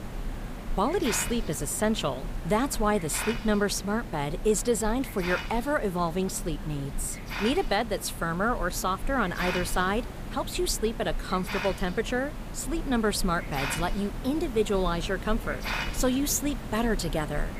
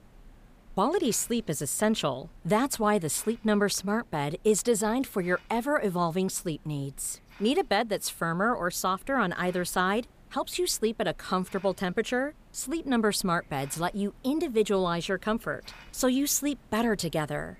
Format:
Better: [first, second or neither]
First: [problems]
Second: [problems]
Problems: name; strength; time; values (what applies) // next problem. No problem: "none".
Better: second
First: hiss; loud; throughout; 8 dB below the speech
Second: hiss; faint; throughout; 25 dB below the speech